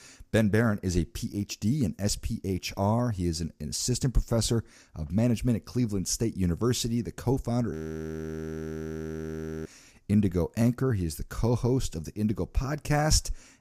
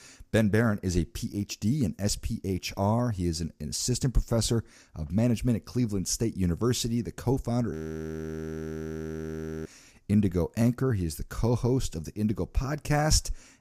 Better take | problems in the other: neither | audio freezing; at 7.5 s for 2 s; the same in both

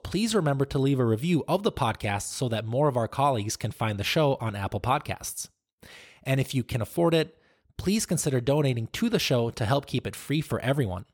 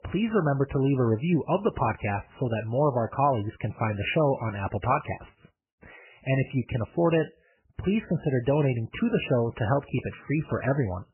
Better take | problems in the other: first | garbled, watery; badly; nothing above 3 kHz

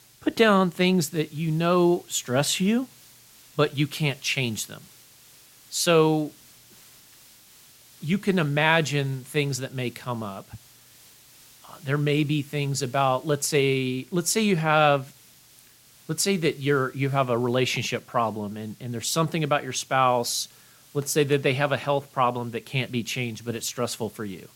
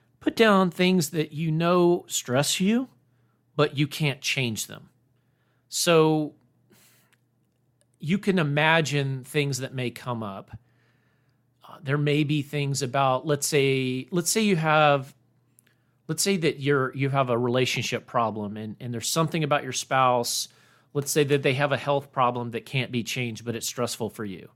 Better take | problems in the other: second | hiss; faint; throughout; 25 dB below the speech

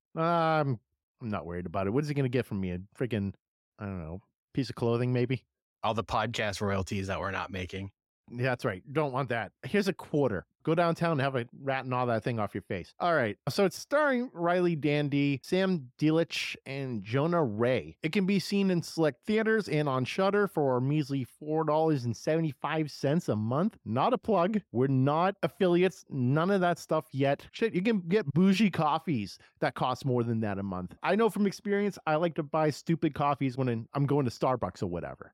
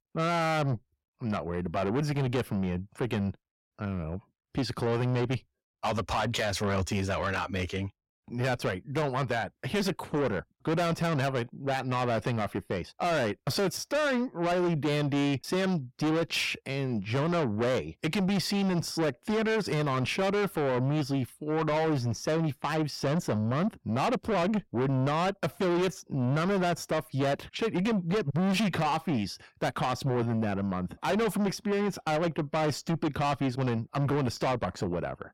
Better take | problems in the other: first | distortion; heavy; 7 dB below the speech

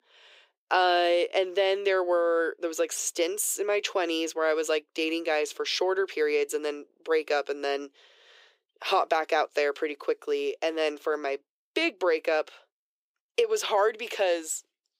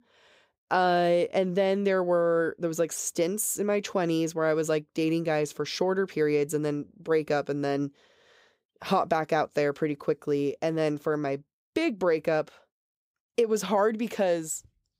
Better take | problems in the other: second | thin; very; fading below 350 Hz

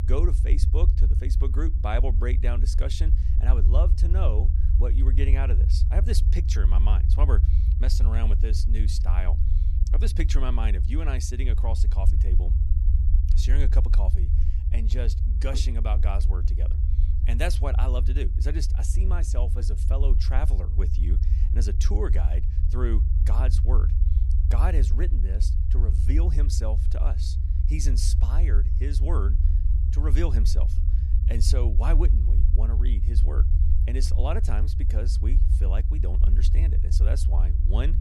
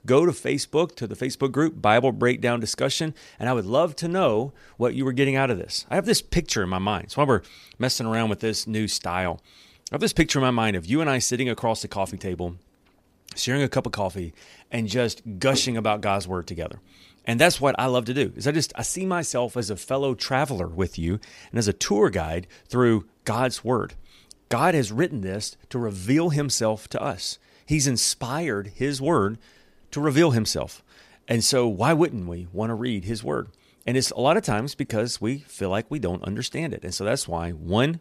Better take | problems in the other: second | low rumble; loud; throughout; 6 dB below the speech

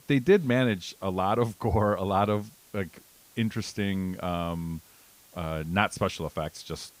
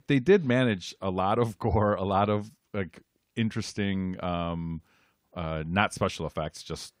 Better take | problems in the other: second | hiss; faint; throughout; 25 dB below the speech

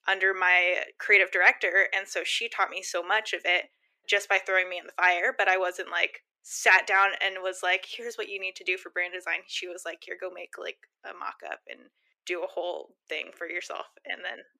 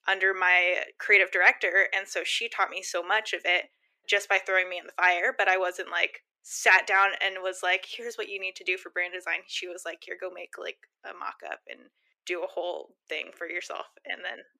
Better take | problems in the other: neither | thin; very; fading below 350 Hz; the same in both

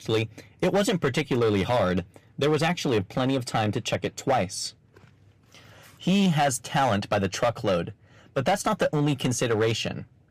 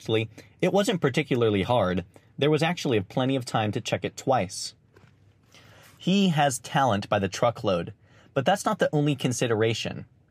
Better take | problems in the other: second | distortion; slight; 6% of the sound clipped

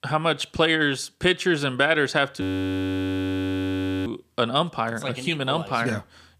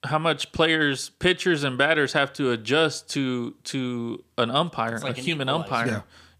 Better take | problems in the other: second | audio freezing; at 2.5 s for 1.5 s

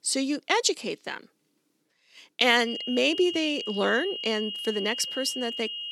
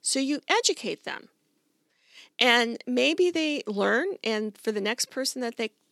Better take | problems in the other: second | high-pitched whine; loud; from 2.5 s on; 3 kHz, 7 dB below the speech

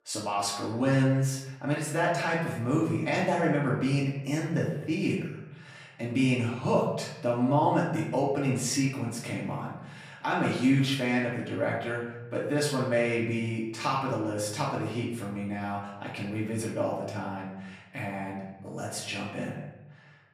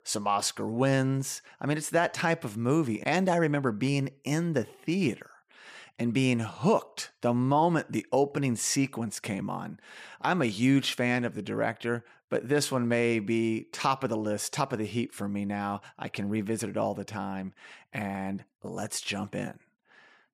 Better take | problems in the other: second | off-mic speech; far // room echo; noticeable; dies away in 0.9 s

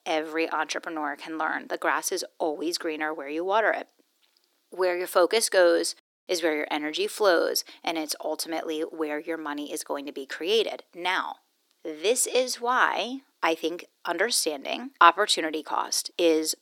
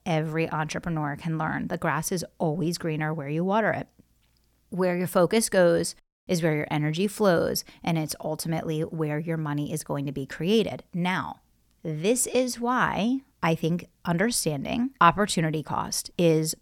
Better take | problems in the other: second | thin; very; fading below 300 Hz

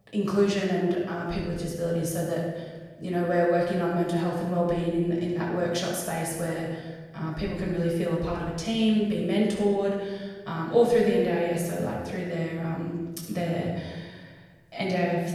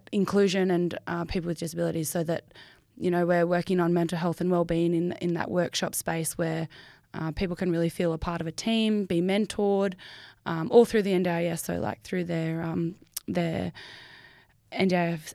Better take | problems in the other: second | room echo; noticeable; dies away in 1.1 s // off-mic speech; far

